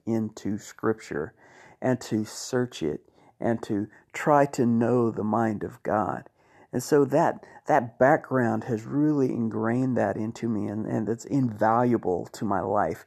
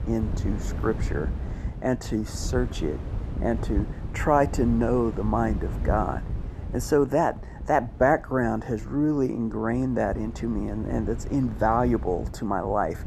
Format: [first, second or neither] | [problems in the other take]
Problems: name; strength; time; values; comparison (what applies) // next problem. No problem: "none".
first | wind noise on the microphone; occasional gusts; 15 dB below the speech